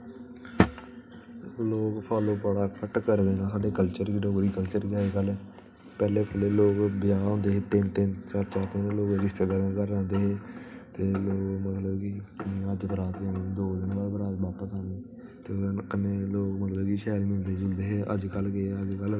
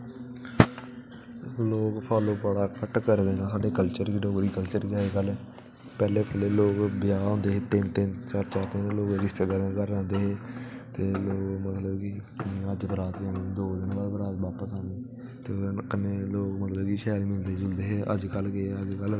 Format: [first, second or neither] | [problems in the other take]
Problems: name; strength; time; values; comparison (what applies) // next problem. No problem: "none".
second | room echo; dies away in 0.3 s